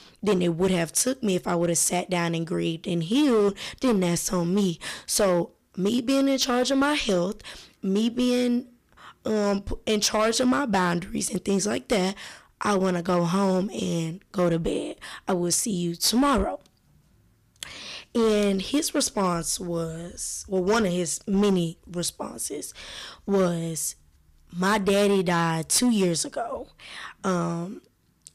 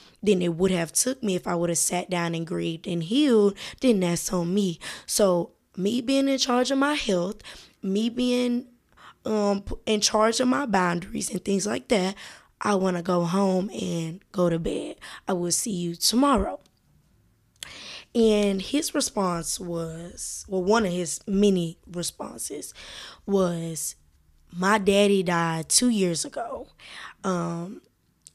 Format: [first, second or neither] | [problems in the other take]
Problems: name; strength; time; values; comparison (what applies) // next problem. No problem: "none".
second | distortion; slight; 6% of the sound clipped